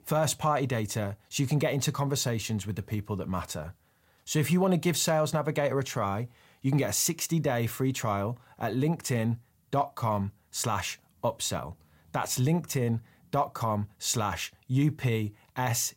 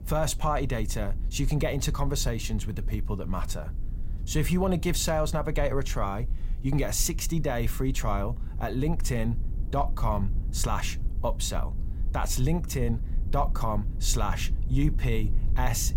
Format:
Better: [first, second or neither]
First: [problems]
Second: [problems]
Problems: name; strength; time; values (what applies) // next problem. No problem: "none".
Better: first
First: none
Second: low rumble; noticeable; throughout; 20 dB below the speech